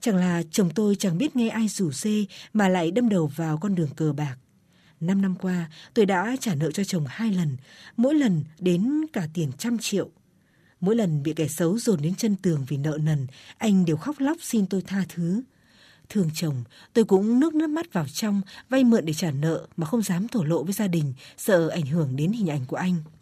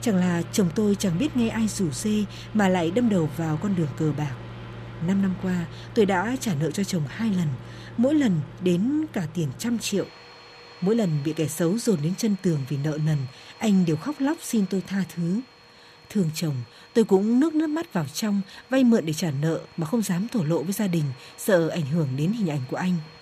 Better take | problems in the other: first | household noises; noticeable; throughout; 20 dB below the speech

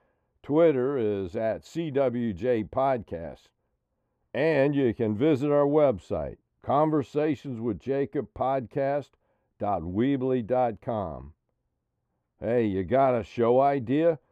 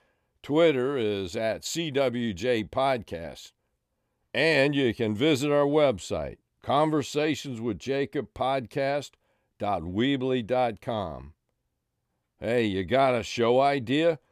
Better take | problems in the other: second | muffled; very; fading above 2 kHz

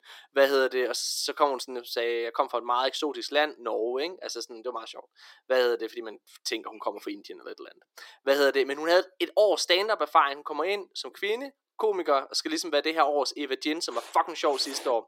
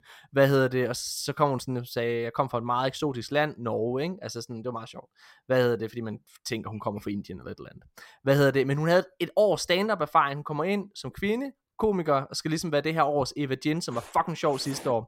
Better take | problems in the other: second | thin; somewhat; fading below 300 Hz

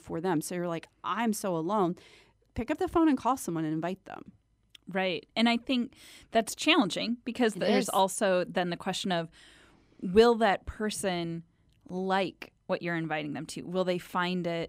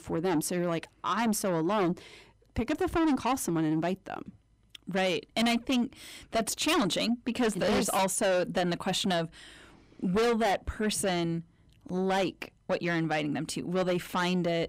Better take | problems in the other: first | distortion; heavy; 6 dB below the speech

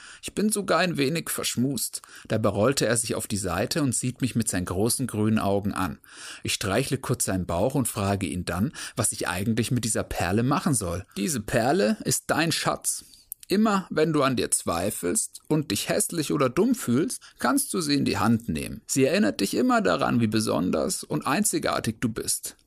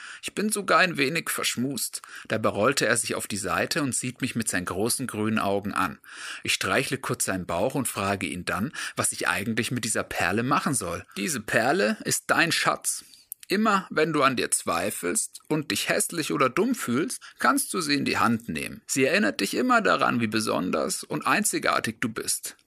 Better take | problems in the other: first | thin; very slightly; fading below 350 Hz

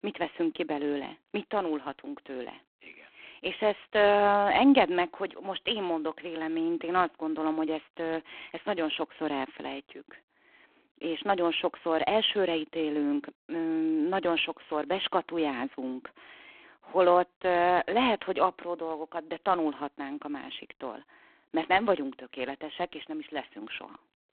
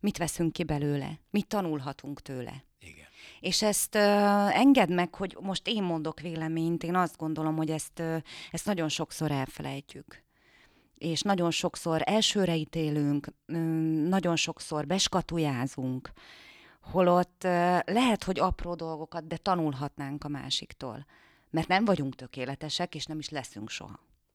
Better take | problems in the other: second | phone-call audio; poor line

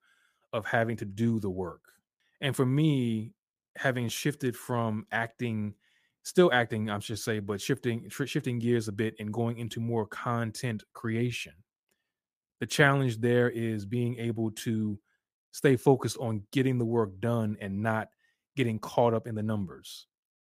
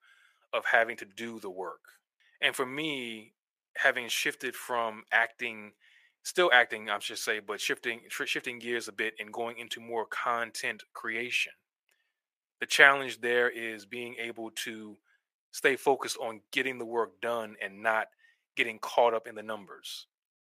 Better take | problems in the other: first | thin; very; fading below 600 Hz

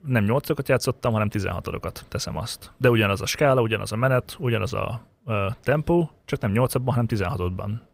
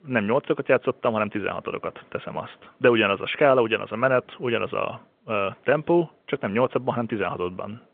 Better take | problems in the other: first | phone-call audio

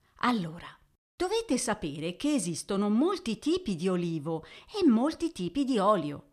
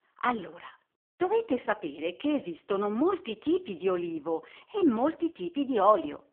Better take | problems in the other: first | phone-call audio; poor line

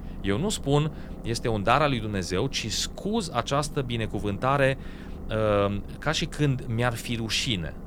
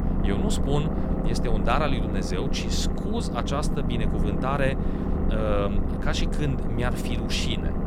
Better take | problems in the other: first | low rumble; loud; throughout; 4 dB below the speech; faint in the first

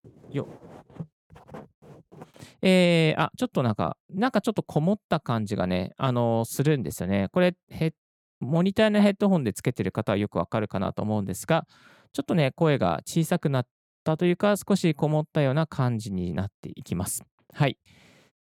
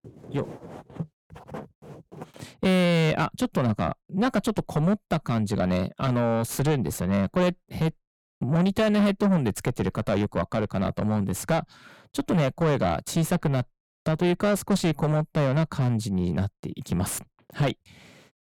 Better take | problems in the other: first | distortion; heavy; 6 dB below the speech

